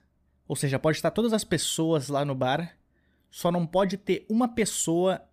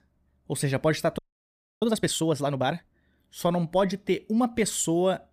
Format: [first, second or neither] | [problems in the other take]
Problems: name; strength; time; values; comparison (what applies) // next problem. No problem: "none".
first | audio freezing; at 1 s for 0.5 s